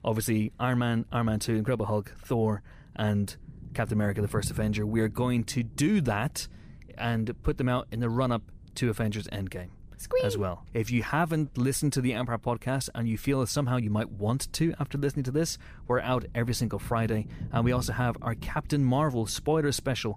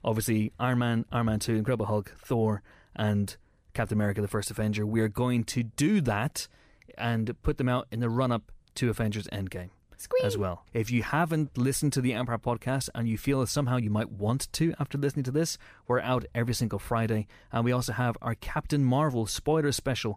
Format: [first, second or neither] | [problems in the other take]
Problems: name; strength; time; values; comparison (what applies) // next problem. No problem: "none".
second | low rumble; faint; throughout; 25 dB below the speech